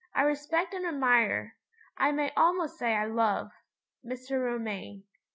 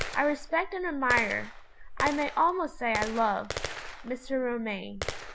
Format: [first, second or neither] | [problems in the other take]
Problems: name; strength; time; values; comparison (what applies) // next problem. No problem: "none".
first | background sound (Gunshot, gunfire); 8 dB below the speech